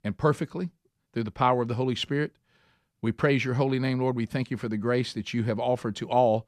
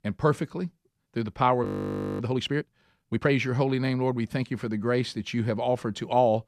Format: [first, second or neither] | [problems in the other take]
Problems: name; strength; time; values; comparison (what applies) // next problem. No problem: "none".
first | audio freezing; at 1.5 s for 0.5 s